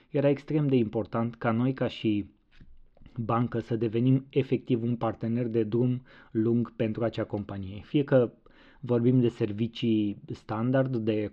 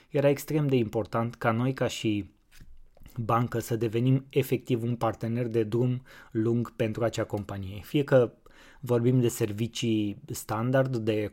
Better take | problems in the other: second | muffled; slightly; fading above 4 kHz

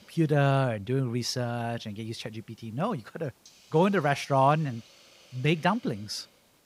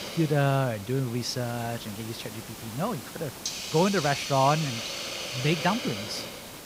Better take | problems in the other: first | hiss; loud; throughout; 7 dB below the speech; faint in the first

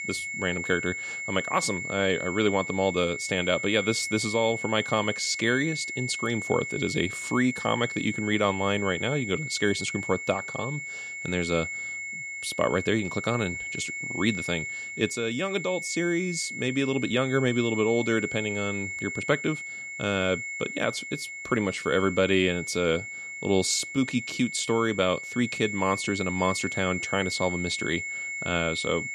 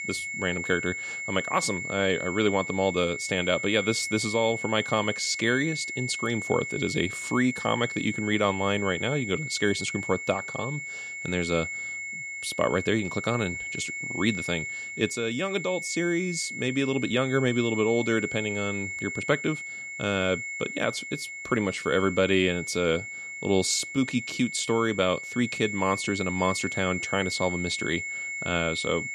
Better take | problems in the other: neither | high-pitched whine; loud; throughout; 2 kHz, 5 dB below the speech; the same in both

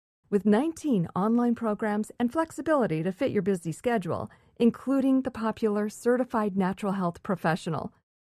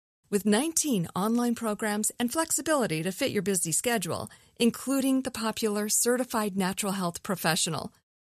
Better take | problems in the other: second | muffled; very; fading above 2.5 kHz

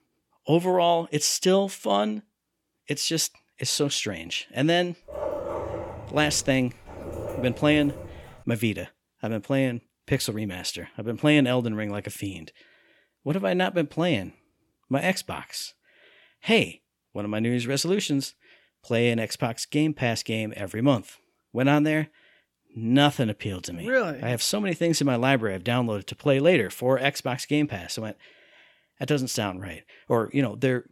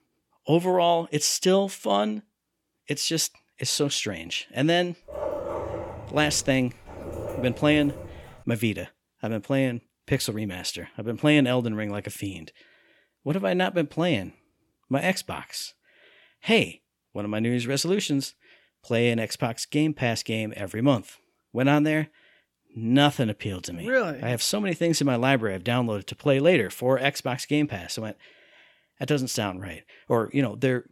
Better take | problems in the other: neither | dog barking; noticeable; from 5 to 8.5 s; peak 5 dB below the speech; the same in both

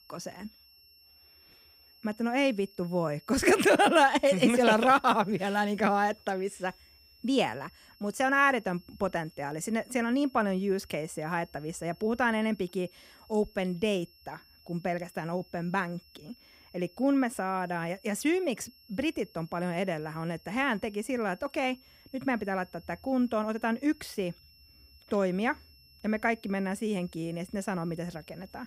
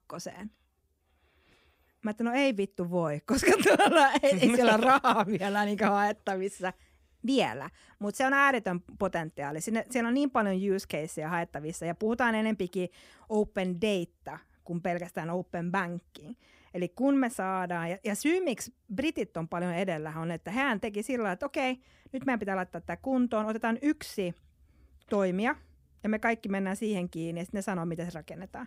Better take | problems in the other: second | high-pitched whine; faint; throughout; 5.5 kHz, 25 dB below the speech

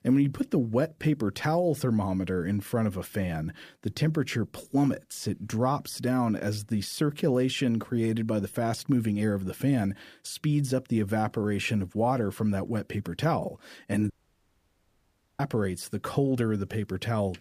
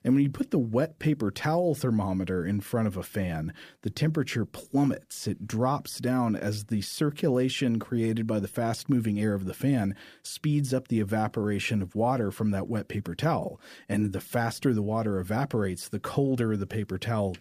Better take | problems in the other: second | audio cutting out; at 14 s for 1.5 s

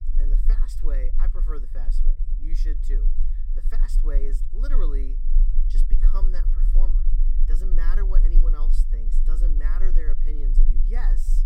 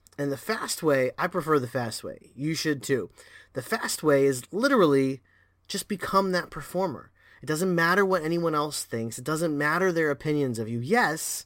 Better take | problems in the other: second | low rumble; loud; throughout; 8 dB below the speech

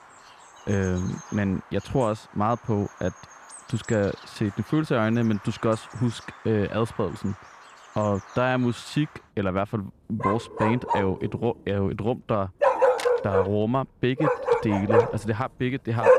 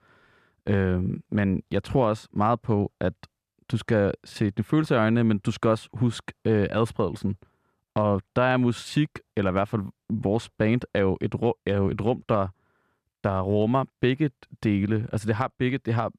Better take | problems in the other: second | animal sounds; very loud; throughout; 2 dB above the speech

